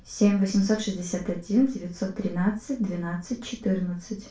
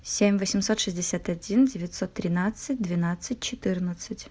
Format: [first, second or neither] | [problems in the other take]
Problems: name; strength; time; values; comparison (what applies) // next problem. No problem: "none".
second | room echo; dies away in 0.3 s